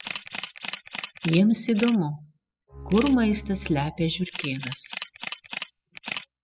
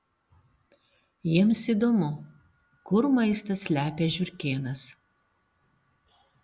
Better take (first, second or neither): second